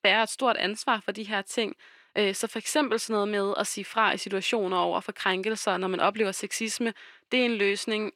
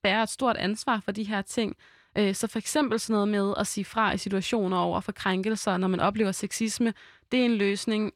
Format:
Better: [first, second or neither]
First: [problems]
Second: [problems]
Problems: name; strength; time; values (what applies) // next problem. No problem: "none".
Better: second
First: thin; very slightly; fading below 350 Hz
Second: none